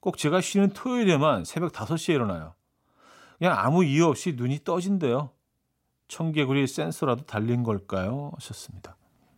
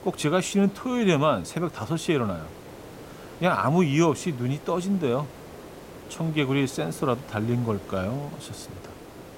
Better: first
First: none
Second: hiss; noticeable; throughout; 20 dB below the speech

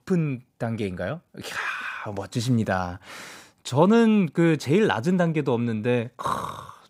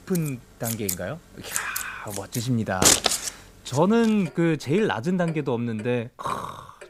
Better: first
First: none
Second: household noises; very loud; throughout; 2 dB above the speech

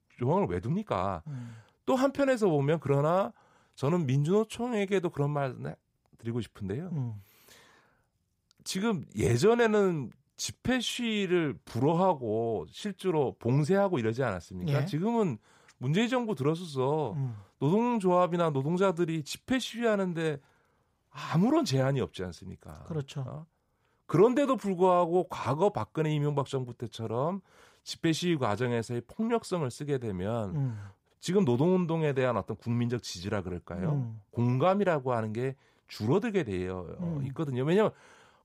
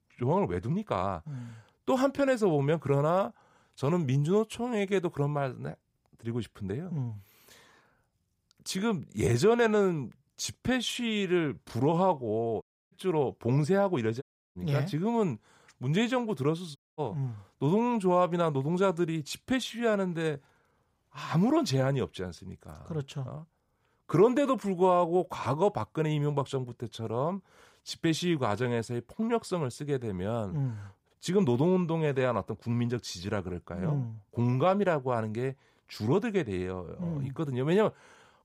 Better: first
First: none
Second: audio cutting out; at 13 s, at 14 s and at 17 s

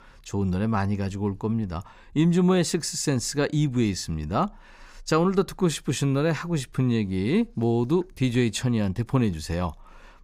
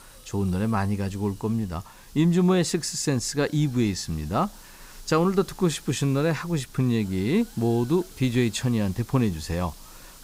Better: first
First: none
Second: hiss; faint; throughout; 20 dB below the speech

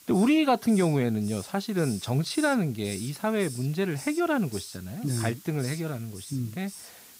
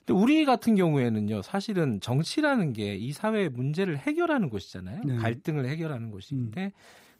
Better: second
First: hiss; noticeable; throughout; 15 dB below the speech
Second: none

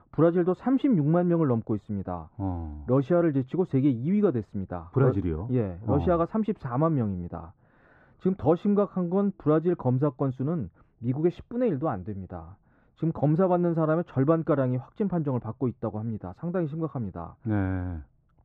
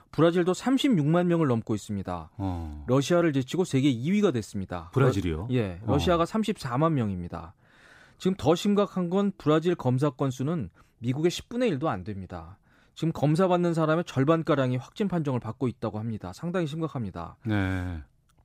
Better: second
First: muffled; very; fading above 3 kHz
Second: none

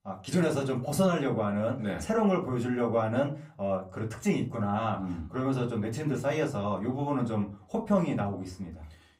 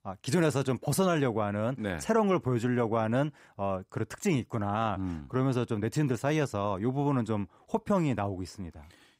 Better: second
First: off-mic speech; far // room echo; very slight; dies away in 0.3 s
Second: none

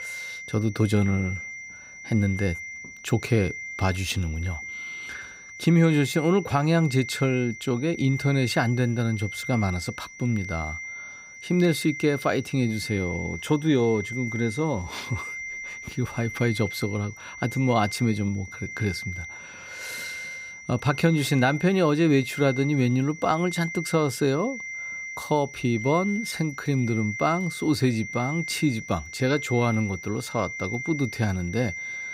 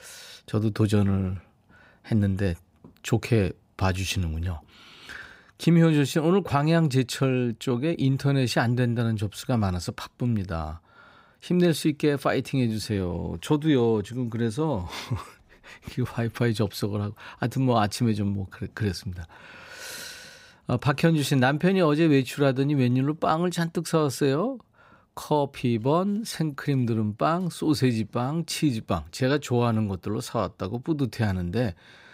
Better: second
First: high-pitched whine; loud; throughout; 2 kHz, 10 dB below the speech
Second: none

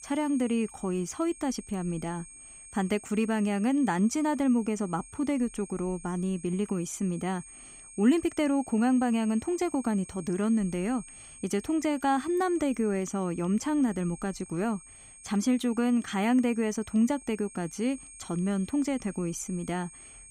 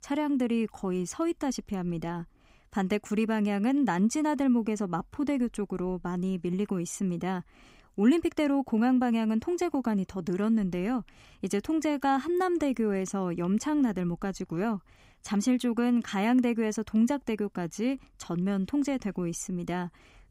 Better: second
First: high-pitched whine; noticeable; throughout; 8.5 kHz, 20 dB below the speech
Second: none

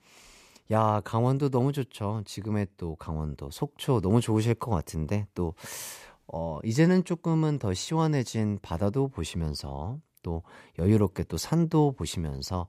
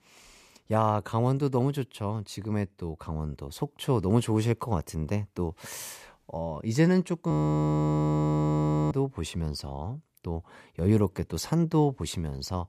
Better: first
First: none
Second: audio freezing; at 7.5 s for 1.5 s

